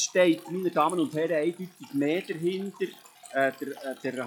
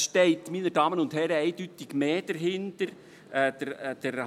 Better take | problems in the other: second | noise reduction (classical method log-MMSE)

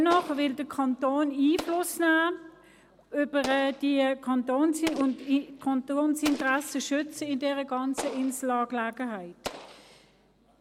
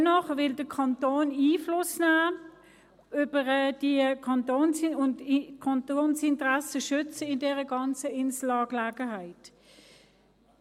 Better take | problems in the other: second | background sound (Explosion); 16 dB below the speech

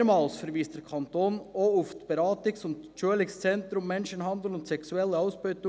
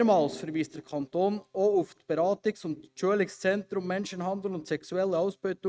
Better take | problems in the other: first | noise reduction (neural mask model RNNoise)

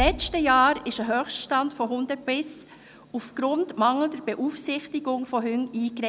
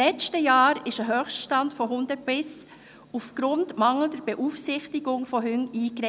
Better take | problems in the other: second | background sound (Bass drum); 15 dB below the speech

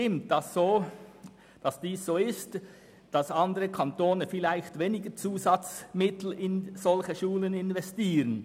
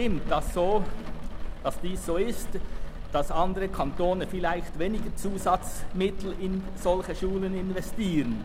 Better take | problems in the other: first | background sound (Rain); as loud as the speech

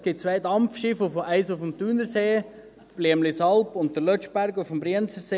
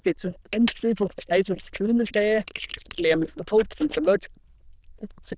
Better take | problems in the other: first | noise reduction (neural diffusion model UNIVERSE++)

